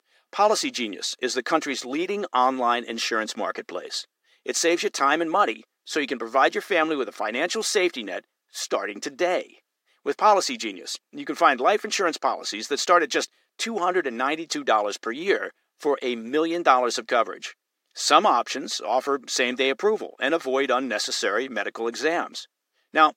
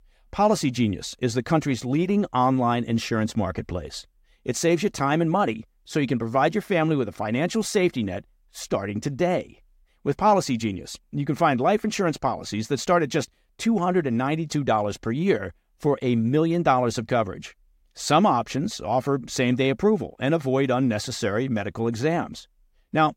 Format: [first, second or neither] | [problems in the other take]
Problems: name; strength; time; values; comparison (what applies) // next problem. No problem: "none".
second | thin; somewhat; fading below 300 Hz